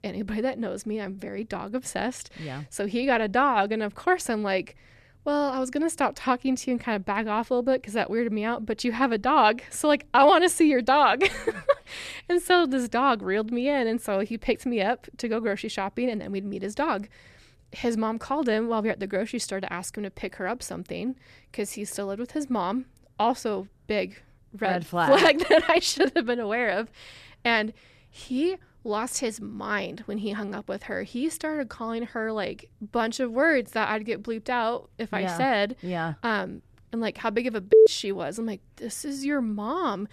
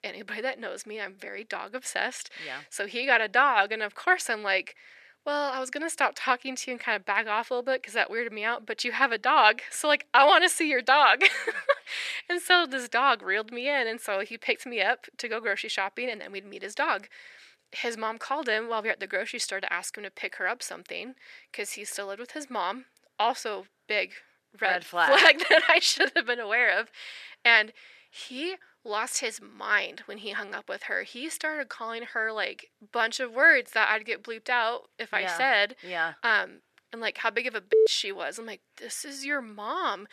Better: first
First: none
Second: thin; somewhat; fading below 500 Hz

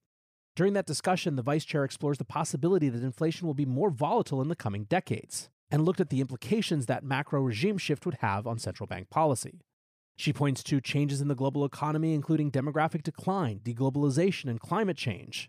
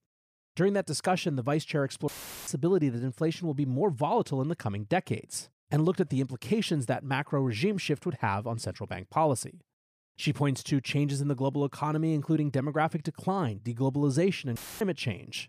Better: first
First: none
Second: audio cutting out; filled with static; at 2 s and at 15 s

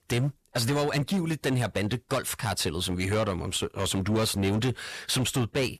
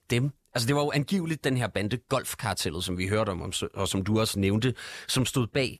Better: second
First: distortion; slight; 13% of the sound clipped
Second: none

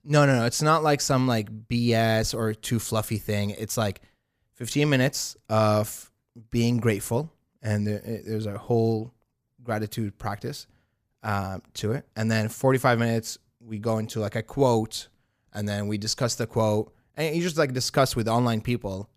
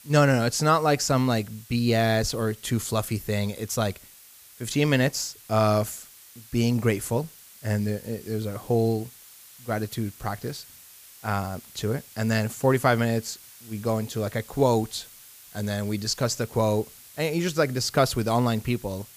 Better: first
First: none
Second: hiss; faint; throughout; 20 dB below the speech

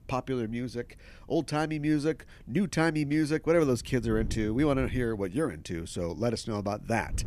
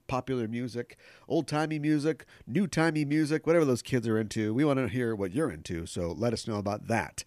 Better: second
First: wind noise on the microphone; occasional gusts; 25 dB below the speech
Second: none

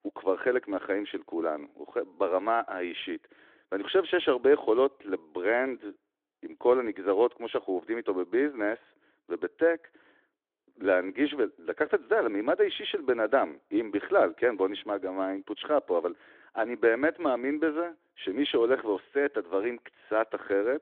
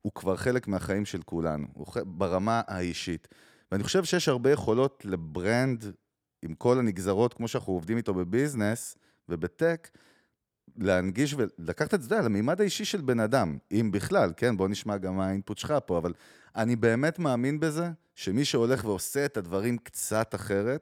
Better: second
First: phone-call audio; nothing above 3.5 kHz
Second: none

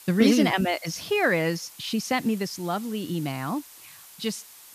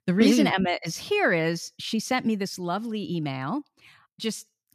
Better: second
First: hiss; noticeable; throughout; 20 dB below the speech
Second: none

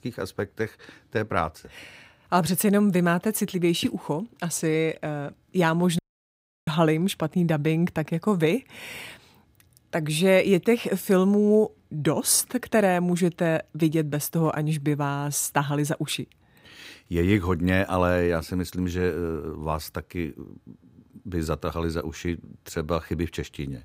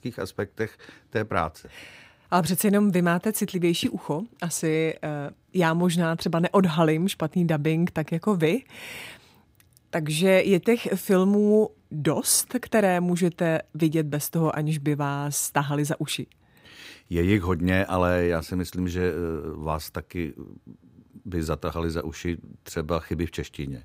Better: second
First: audio cutting out; at 6 s for 0.5 s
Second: none

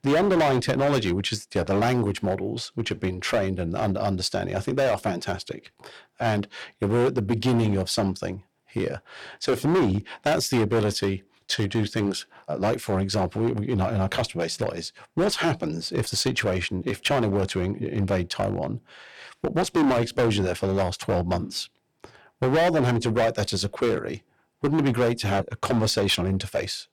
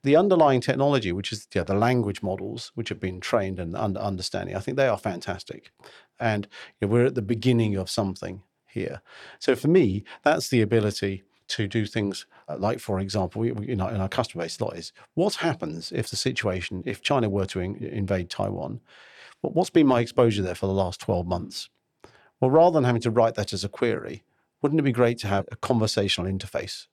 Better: second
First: distortion; heavy; 10% of the sound clipped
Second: none

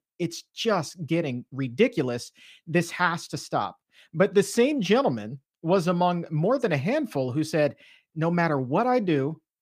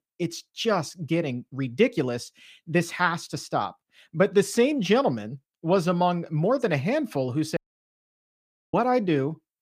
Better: first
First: none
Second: audio cutting out; at 7.5 s for 1 s

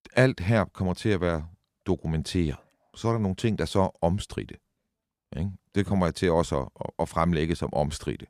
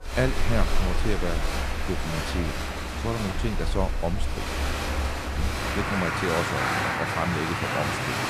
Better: first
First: none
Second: crowd noise; very loud; throughout; 3 dB above the speech

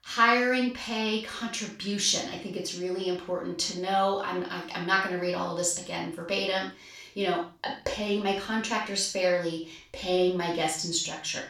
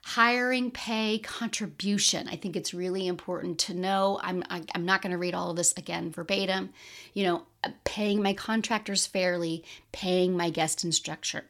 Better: second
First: room echo; noticeable; dies away in 0.3 s // off-mic speech; far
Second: none

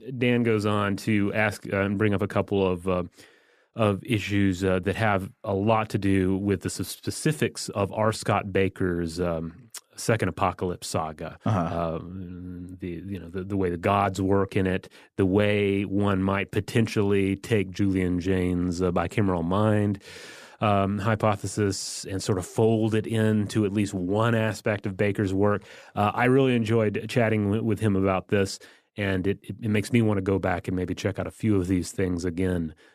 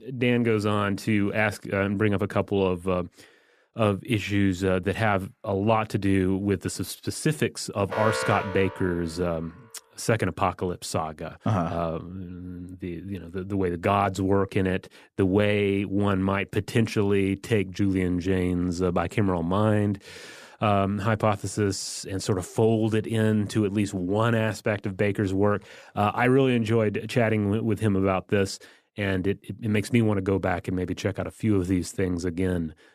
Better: first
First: none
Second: alarm; noticeable; from 8 to 9 s; peak 3 dB below the speech

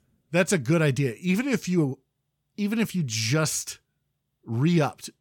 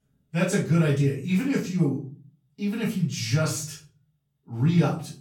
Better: first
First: none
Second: off-mic speech; far // room echo; slight; dies away in 0.4 s

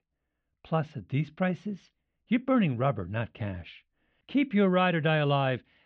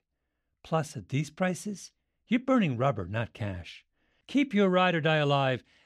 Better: second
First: muffled; slightly; fading above 3.5 kHz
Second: none

